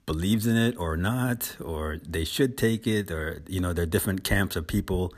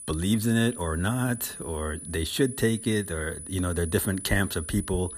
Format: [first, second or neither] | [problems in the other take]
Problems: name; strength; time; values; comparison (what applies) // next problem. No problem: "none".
first | high-pitched whine; noticeable; throughout; 10 kHz, 10 dB below the speech